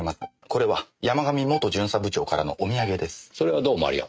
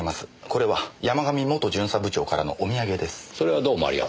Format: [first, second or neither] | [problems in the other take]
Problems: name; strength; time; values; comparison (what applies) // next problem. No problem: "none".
second | noise reduction (neural mask model RNNoise)